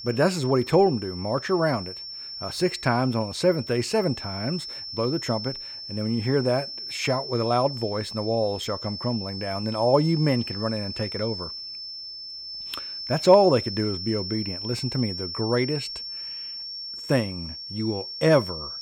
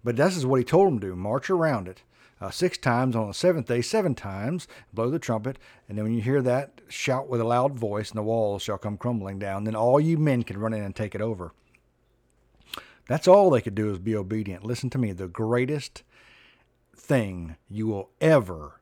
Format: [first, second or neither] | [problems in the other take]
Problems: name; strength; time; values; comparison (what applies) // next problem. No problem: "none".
second | high-pitched whine; loud; throughout; 5.5 kHz, 8 dB below the speech